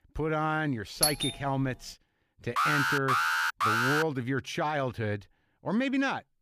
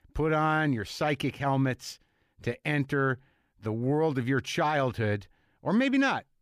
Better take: second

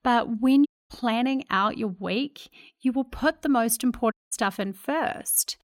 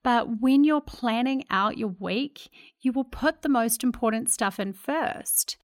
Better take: second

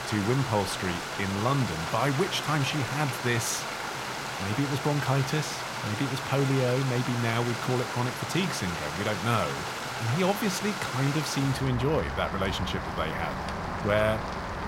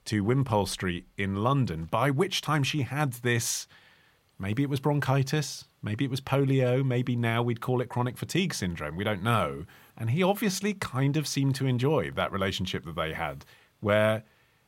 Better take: second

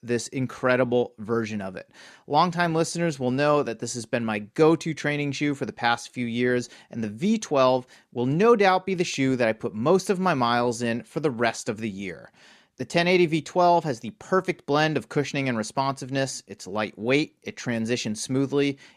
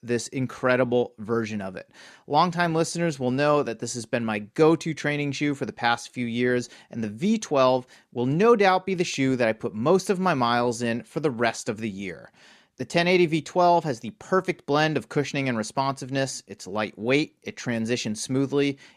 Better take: neither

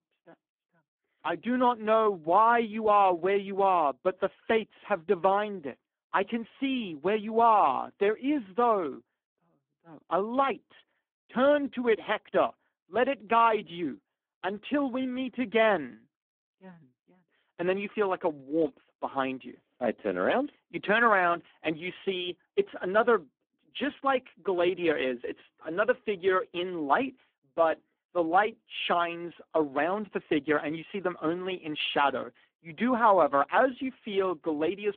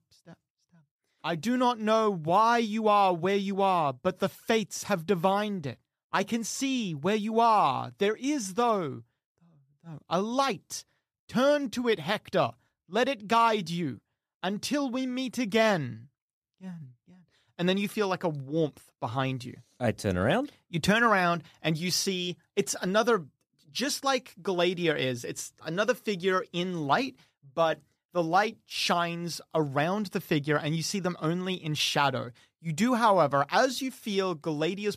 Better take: second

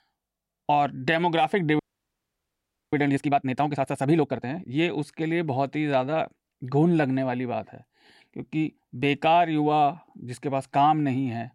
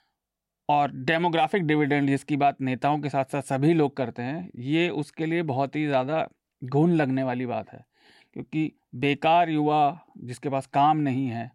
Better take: second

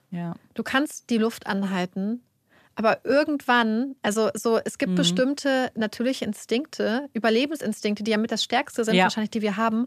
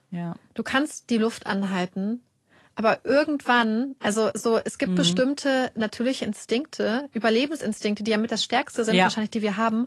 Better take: first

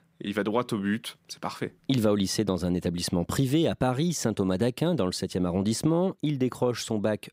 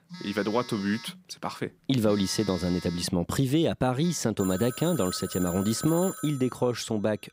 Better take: first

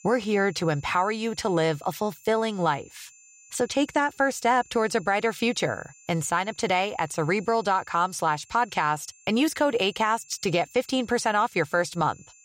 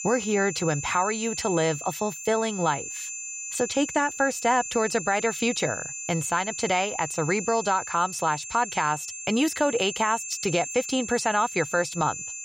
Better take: first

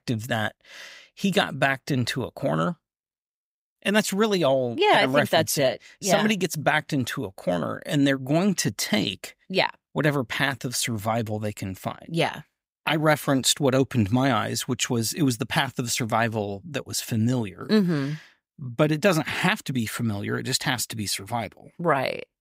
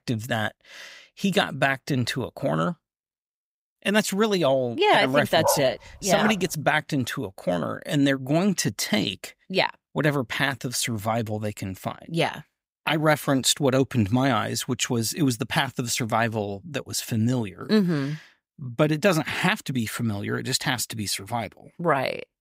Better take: first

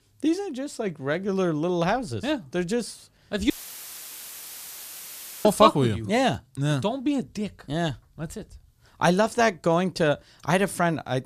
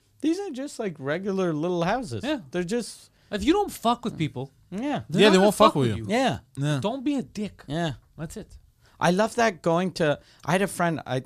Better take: second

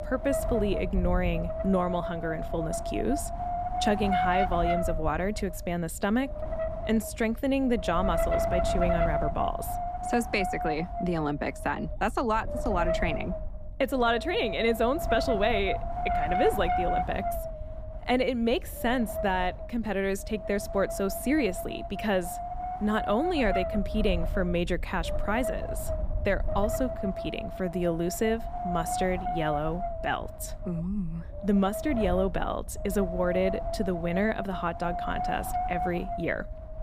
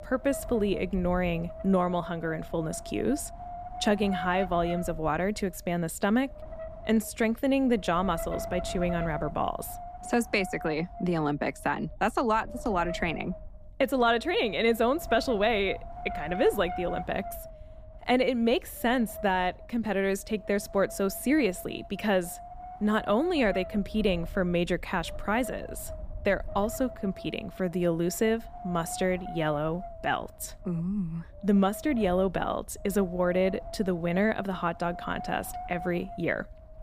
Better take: second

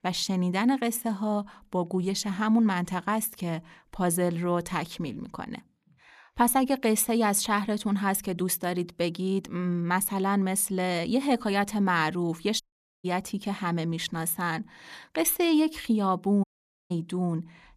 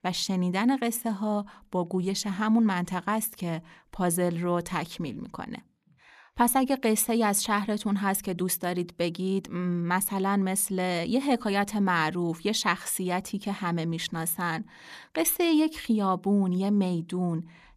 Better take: second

